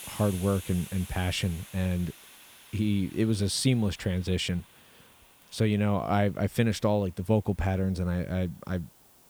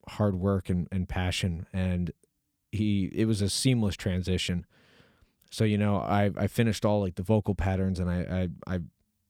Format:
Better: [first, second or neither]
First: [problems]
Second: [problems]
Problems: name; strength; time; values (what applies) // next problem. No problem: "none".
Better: second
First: hiss; noticeable; throughout; 20 dB below the speech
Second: none